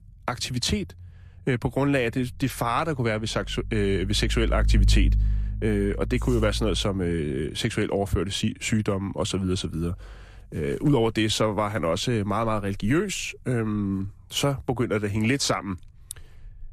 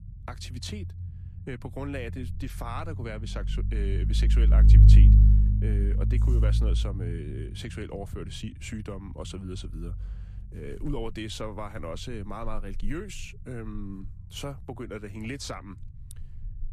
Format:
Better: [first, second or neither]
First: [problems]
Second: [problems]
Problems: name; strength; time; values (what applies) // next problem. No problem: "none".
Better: first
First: low rumble; faint; throughout; 20 dB below the speech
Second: low rumble; loud; throughout; 2 dB below the speech